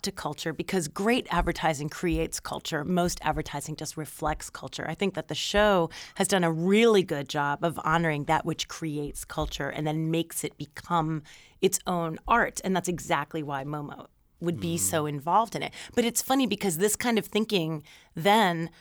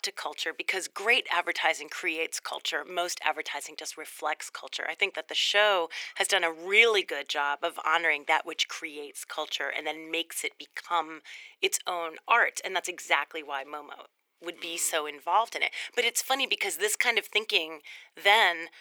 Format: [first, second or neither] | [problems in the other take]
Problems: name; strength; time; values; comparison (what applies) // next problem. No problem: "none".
first | thin; very; fading below 400 Hz